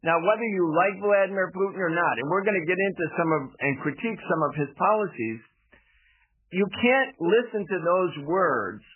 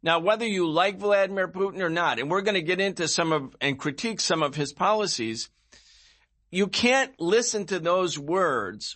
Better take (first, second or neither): second